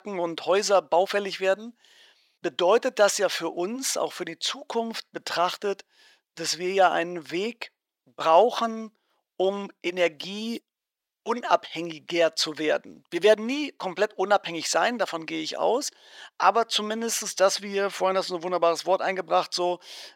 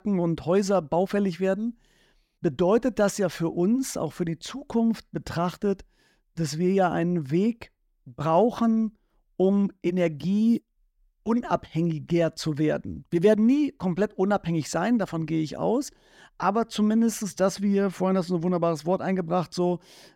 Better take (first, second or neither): second